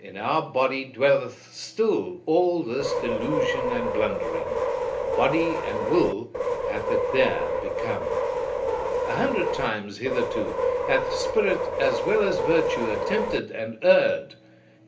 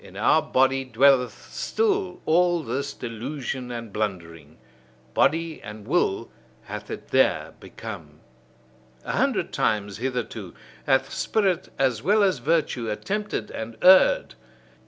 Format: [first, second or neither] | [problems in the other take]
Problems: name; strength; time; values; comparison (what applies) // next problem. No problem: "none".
second | background sound (Subway, metro, underground); as loud as the speech // room echo; dies away in 0.3 s